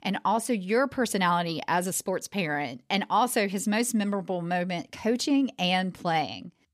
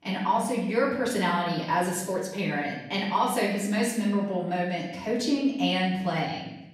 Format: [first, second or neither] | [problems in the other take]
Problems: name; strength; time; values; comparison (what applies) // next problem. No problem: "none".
first | off-mic speech; far // room echo; noticeable; dies away in 0.9 s